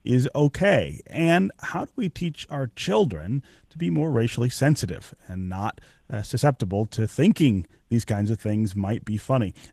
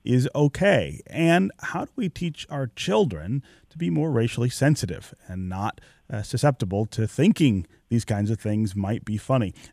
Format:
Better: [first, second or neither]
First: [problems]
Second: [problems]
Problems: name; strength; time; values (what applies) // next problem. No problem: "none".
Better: second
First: garbled, watery; slightly; nothing above 14.5 kHz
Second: none